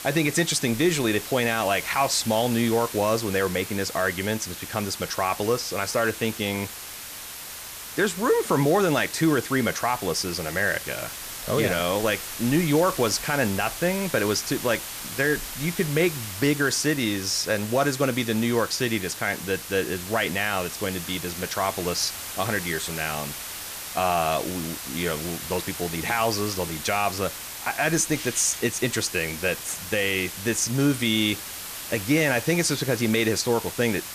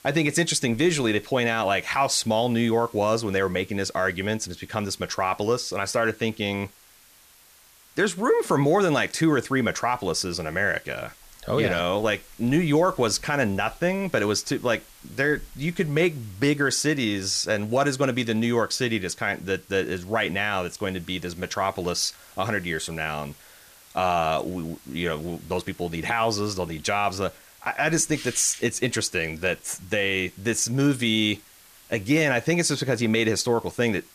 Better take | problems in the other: second | hiss; loud; throughout; 9 dB below the speech; faint in the second

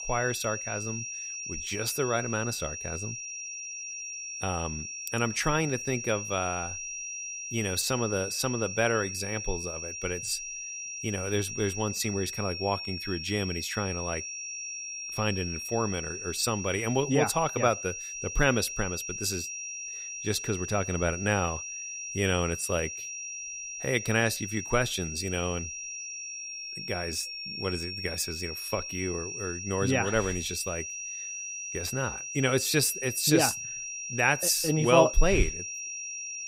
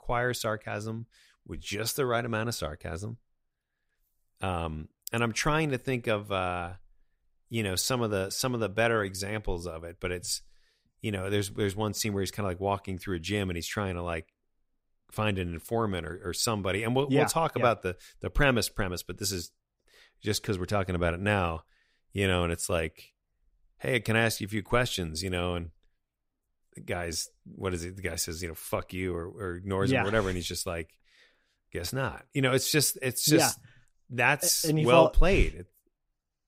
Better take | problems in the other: second | high-pitched whine; loud; throughout; 5.5 kHz, 6 dB below the speech

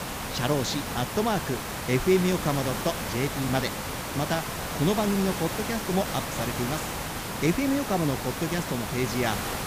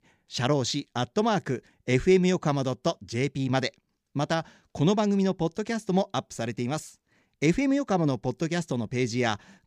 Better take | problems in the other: second | hiss; loud; throughout; 3 dB below the speech

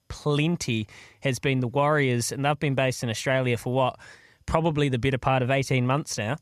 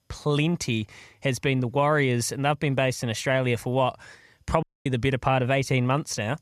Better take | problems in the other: first | audio cutting out; at 4.5 s

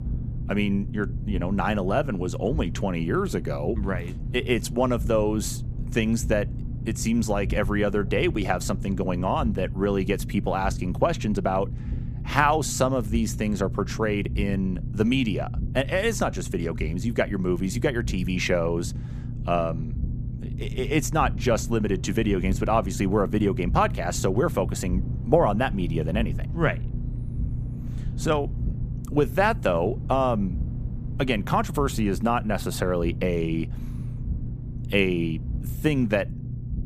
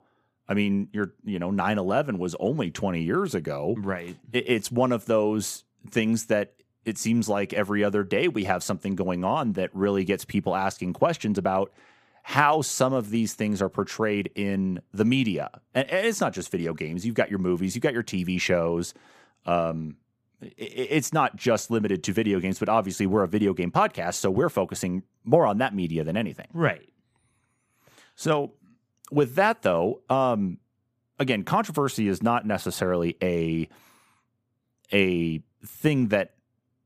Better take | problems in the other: second | low rumble; noticeable; throughout; 15 dB below the speech

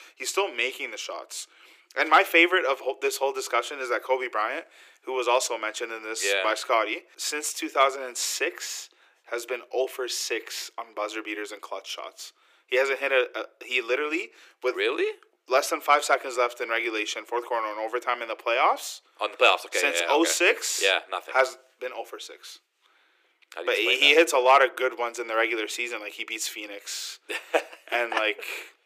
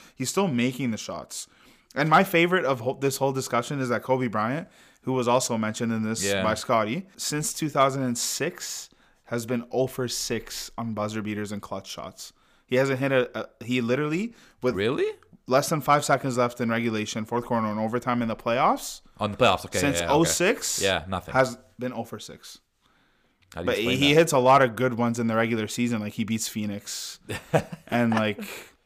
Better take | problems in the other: second | thin; very; fading below 300 Hz

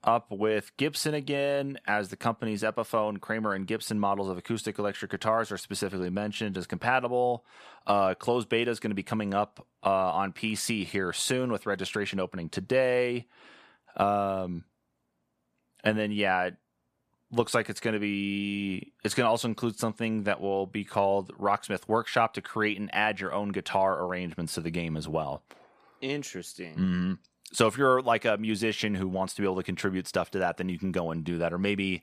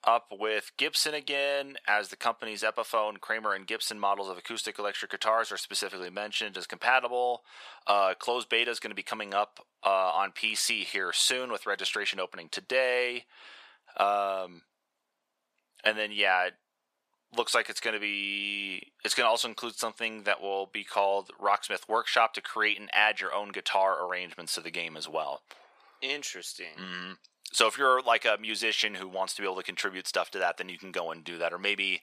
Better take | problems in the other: first | thin; very; fading below 600 Hz

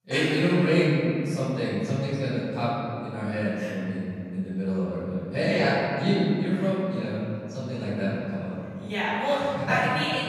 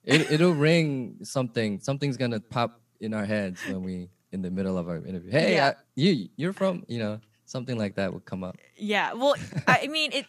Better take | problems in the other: second | off-mic speech; far // room echo; strong; dies away in 2.4 s

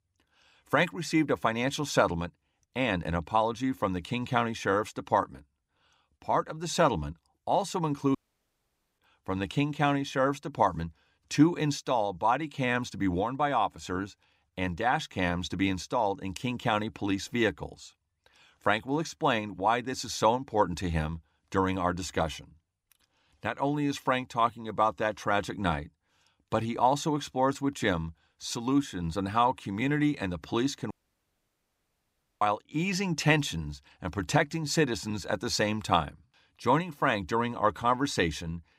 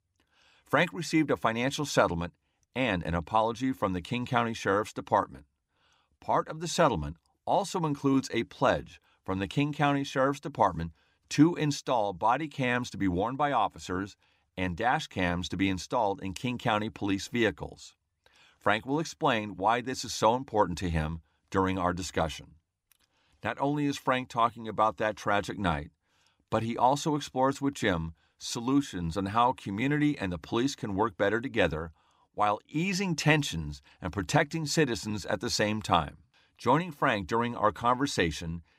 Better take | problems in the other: second | audio cutting out; at 8 s for 1 s and at 31 s for 1.5 s

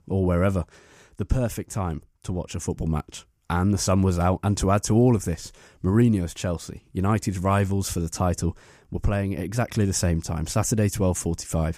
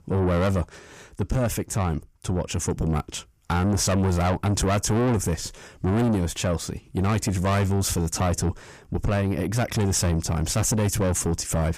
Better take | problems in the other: first | distortion; heavy; 7 dB below the speech

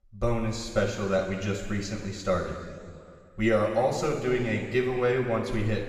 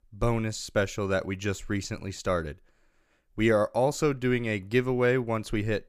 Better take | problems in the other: second | room echo; noticeable; dies away in 2.1 s // off-mic speech; far

